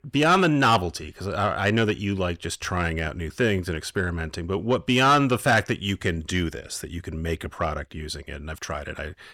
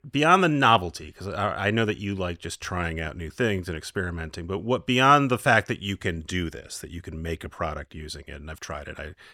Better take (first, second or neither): second